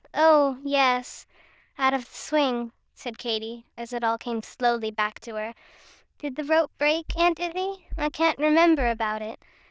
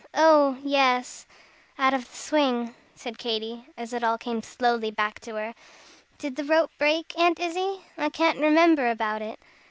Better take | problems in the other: second | noise reduction (neural diffusion model UNIVERSE++)

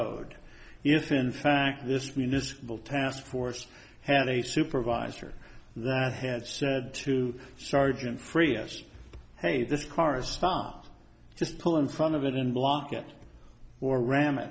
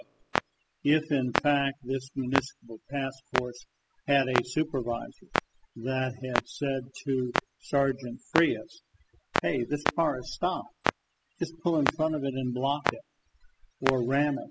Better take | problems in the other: first | noise reduction (classical method spectral subtraction)

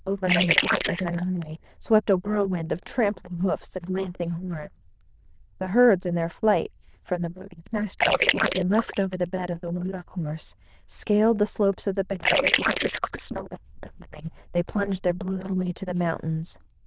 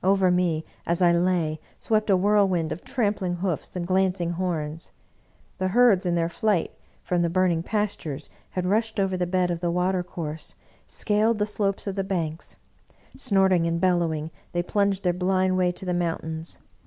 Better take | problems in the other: second | noise reduction (neural diffusion model UNIVERSE++)

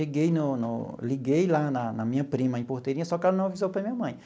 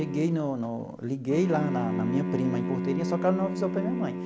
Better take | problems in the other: first | background sound (Bowed string instrument); 2 dB below the speech

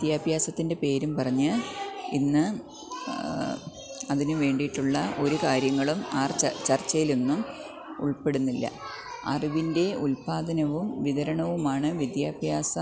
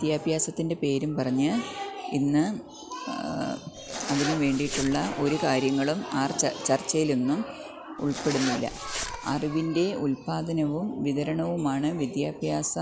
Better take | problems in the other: first | background sound (Zipper (clothing)); 8 dB below the speech

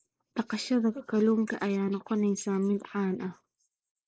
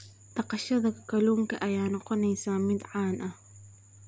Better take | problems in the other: second | noise reduction (neural mask model Resemble Enhance denoiser)

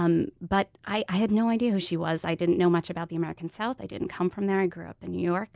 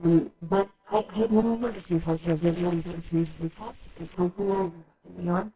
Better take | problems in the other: first | noise reduction (neural separator model SepFormer WHAMR!)

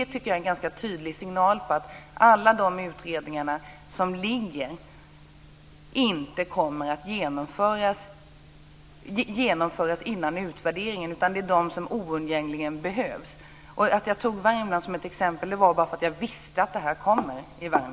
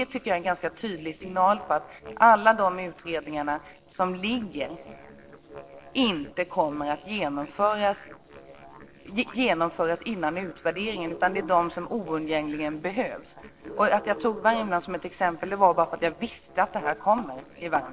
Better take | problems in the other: first | noise reduction (neural separator model SepFormer DNS4)

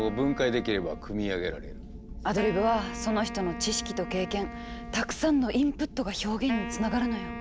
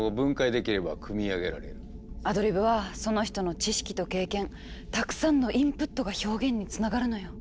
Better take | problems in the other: second | background sound (Wind instrument, woodwind instrument); 11 dB below the speech

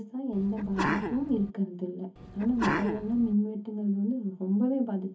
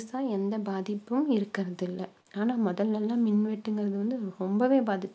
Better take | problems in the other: second | background sound (Sneeze); 5 dB below the speech // room echo; dies away in 0.3 s

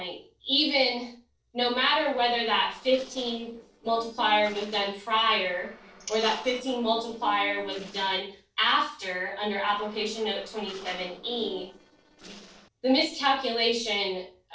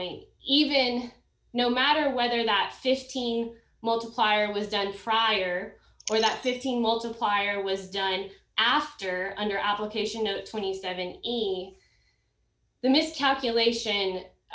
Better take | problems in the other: second | noise reduction (neural separator model SepFormer DNS4)

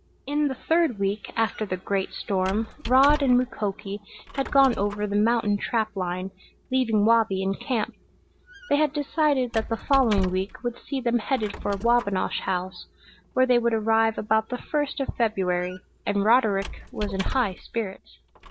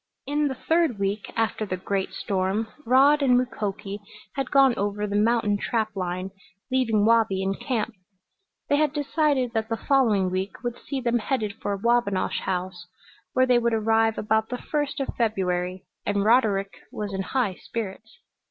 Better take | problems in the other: second | background sound (Squeak); 14 dB below the speech

